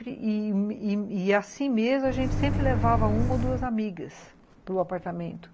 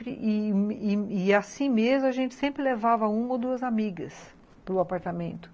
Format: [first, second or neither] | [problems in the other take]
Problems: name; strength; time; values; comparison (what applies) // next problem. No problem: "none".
second | background sound (Microwave oven); 2 dB above the speech